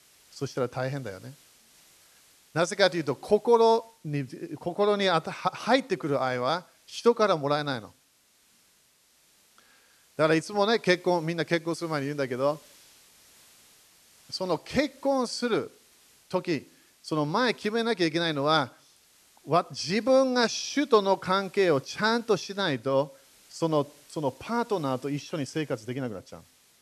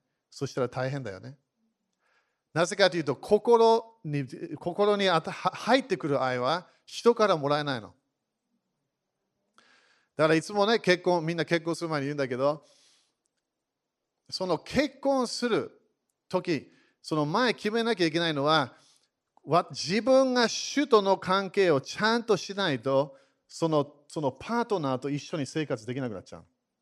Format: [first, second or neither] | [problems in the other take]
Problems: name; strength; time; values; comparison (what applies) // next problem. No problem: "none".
second | hiss; faint; throughout; 30 dB below the speech